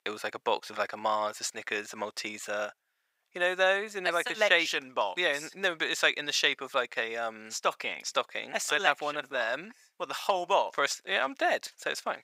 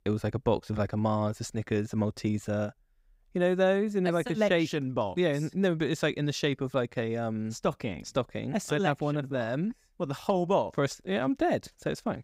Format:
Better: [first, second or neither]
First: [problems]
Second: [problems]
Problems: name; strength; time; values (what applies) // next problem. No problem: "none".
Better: second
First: thin; very; fading below 850 Hz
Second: none